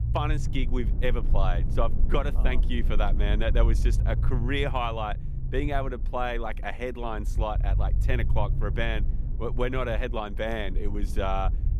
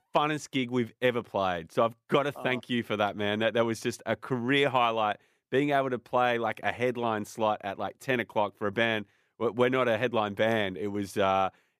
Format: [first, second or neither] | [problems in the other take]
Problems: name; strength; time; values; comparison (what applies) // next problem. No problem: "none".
second | low rumble; noticeable; throughout; 15 dB below the speech